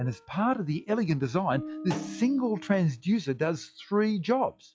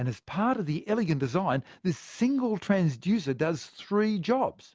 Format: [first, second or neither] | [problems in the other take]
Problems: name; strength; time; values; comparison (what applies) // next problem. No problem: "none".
second | noise reduction (classical method log-MMSE)